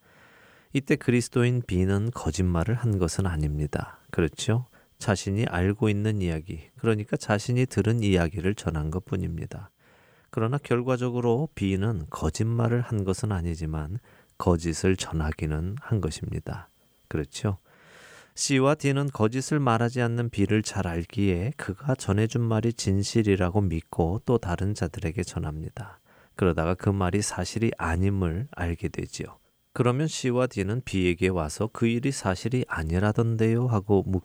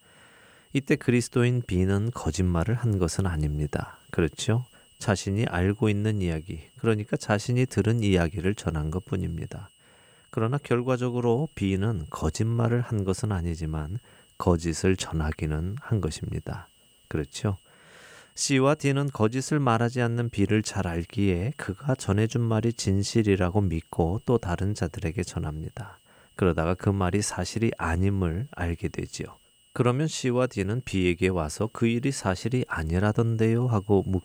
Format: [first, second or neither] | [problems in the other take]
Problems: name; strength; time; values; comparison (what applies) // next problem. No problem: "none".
first | high-pitched whine; faint; throughout; 3 kHz, 30 dB below the speech